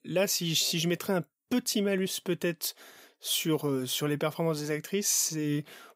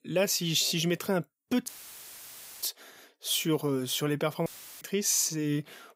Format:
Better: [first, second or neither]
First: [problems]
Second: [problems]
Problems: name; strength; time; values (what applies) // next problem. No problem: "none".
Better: first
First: none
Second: audio cutting out; filled with static; at 1.5 s for 1 s and at 4.5 s